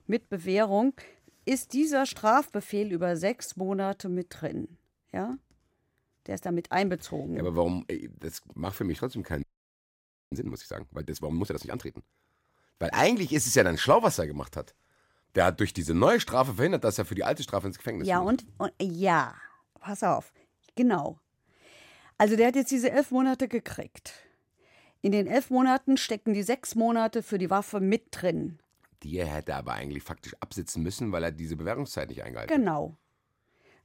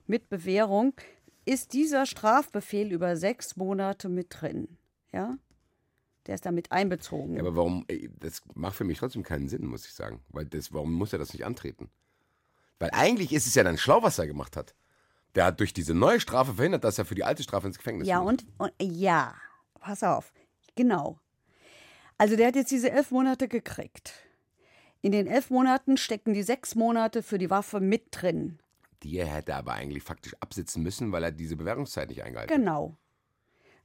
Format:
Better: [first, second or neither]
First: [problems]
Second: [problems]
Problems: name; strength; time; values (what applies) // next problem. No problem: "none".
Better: second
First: audio freezing; at 9.5 s for 1 s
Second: none